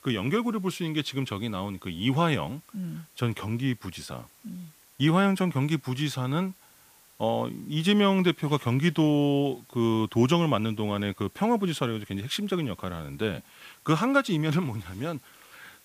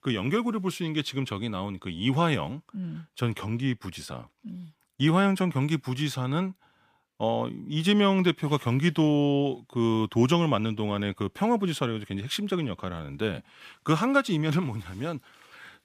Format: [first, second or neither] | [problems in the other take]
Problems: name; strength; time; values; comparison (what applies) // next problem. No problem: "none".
second | hiss; faint; throughout; 30 dB below the speech